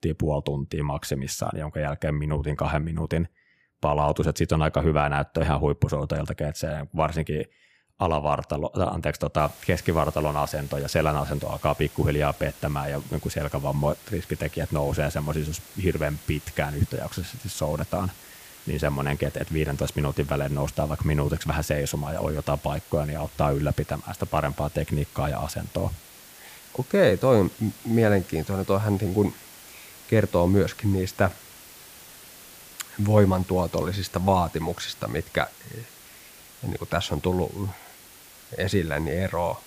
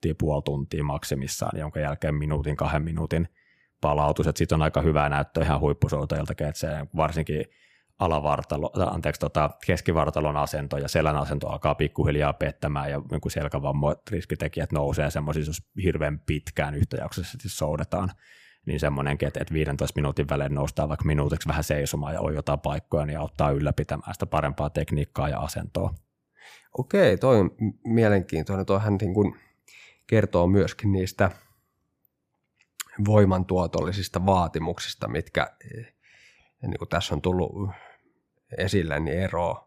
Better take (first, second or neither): second